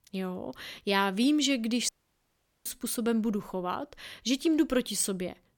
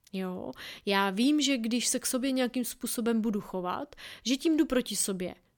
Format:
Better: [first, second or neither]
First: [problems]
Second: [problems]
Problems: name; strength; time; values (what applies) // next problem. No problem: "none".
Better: second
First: audio cutting out; at 2 s for 1 s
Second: none